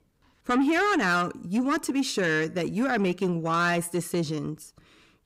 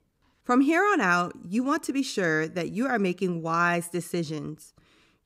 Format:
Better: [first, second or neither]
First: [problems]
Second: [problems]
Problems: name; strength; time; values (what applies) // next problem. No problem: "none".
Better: second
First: distortion; slight; 10 dB below the speech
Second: none